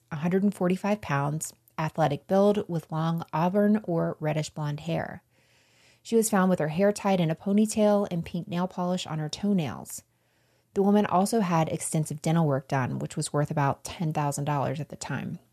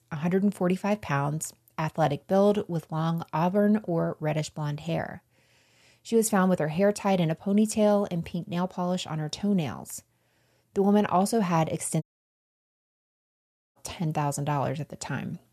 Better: first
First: none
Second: audio cutting out; at 12 s for 1.5 s

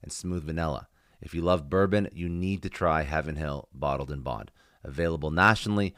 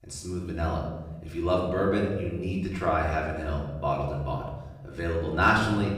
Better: first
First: none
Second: off-mic speech; far // room echo; noticeable; dies away in 1 s

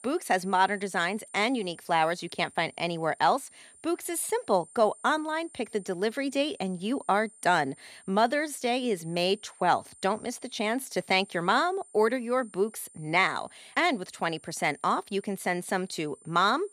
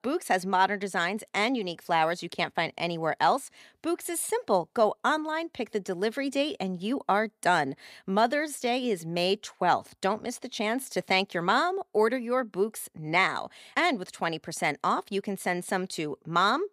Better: second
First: high-pitched whine; faint; throughout; 9 kHz, 25 dB below the speech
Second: none

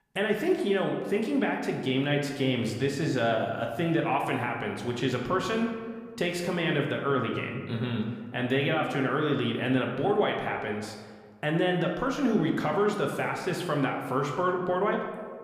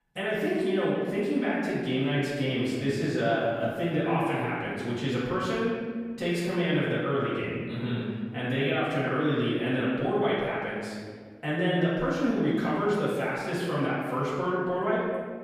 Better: first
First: room echo; slight; dies away in 1.2 s // off-mic speech; somewhat distant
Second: room echo; strong; dies away in 1.5 s // off-mic speech; far

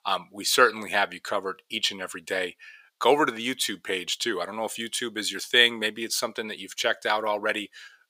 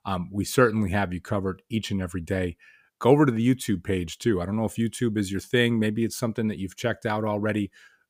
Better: second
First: thin; very; fading below 600 Hz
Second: none

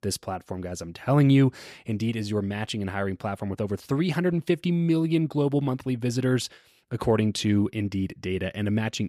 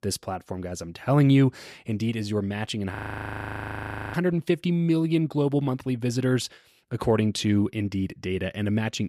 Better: first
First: none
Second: audio freezing; at 3 s for 1 s

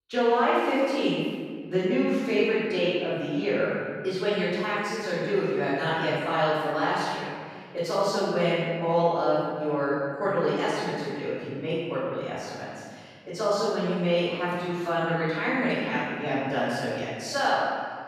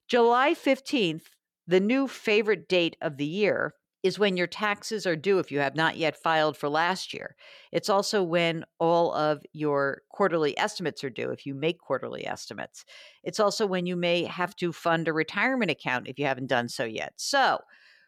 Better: second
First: off-mic speech; far // room echo; strong; dies away in 1.9 s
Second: none

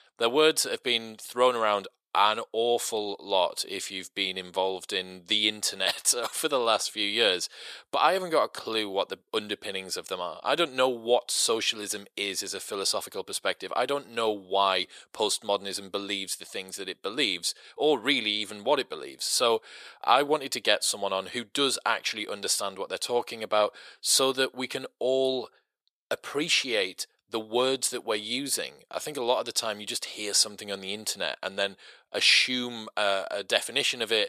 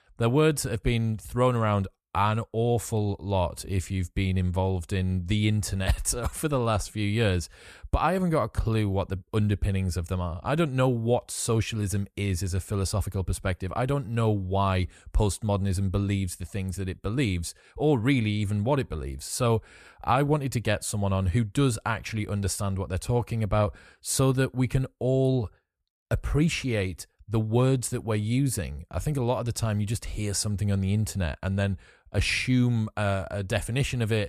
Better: second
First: thin; very; fading below 400 Hz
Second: none

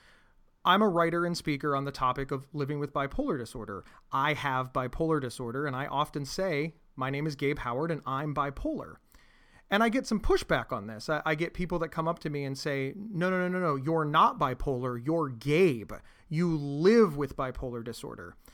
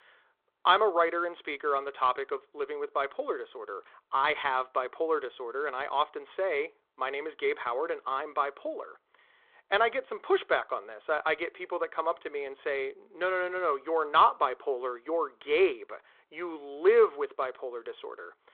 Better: first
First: none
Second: phone-call audio; nothing above 3.5 kHz

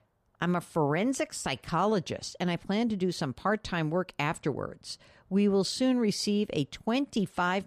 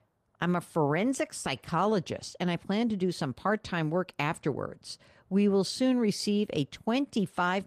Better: first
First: none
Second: garbled, watery; slightly; nothing above 14.5 kHz

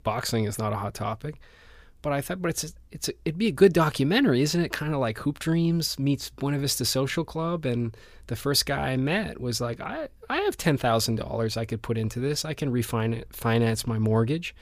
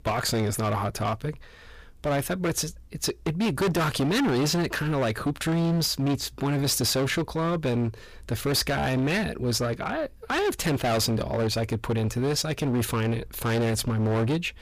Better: first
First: none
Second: distortion; heavy; 19% of the sound clipped

